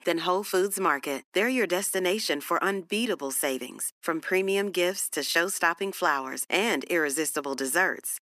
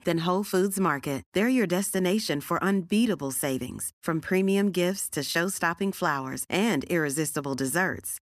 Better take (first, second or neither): second